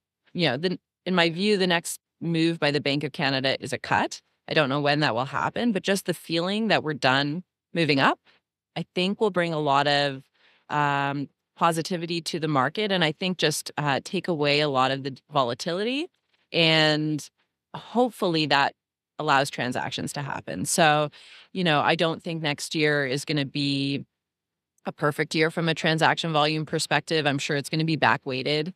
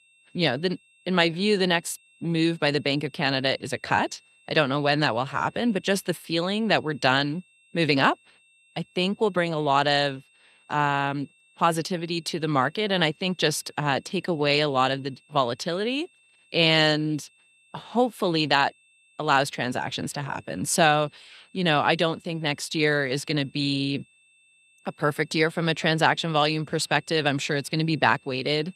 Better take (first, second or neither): first